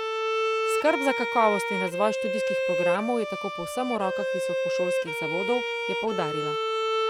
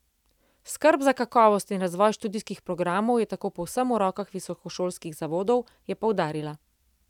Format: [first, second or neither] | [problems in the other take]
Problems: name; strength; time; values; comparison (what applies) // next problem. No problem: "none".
second | background sound (Bowed string instrument); 2 dB above the speech